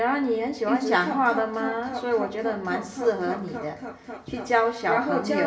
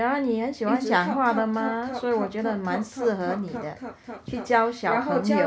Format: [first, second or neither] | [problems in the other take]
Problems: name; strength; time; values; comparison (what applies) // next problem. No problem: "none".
second | room echo; dies away in 0.8 s